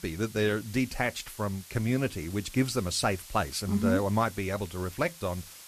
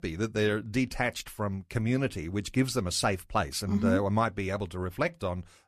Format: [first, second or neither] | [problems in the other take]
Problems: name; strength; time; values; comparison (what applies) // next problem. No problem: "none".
second | hiss; noticeable; throughout; 15 dB below the speech